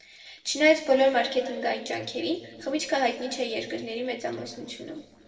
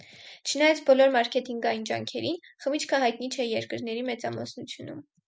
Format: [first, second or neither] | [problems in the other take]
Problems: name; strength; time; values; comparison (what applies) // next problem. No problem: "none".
second | noise reduction (neural separator model SepFormer DNS4)